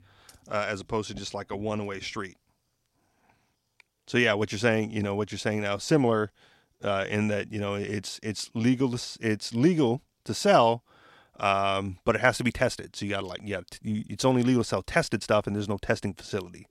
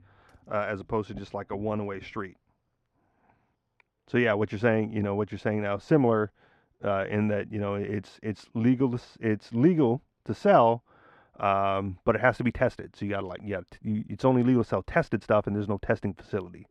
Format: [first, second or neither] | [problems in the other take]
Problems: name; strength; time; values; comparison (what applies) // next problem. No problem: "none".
first | muffled; very; fading above 3 kHz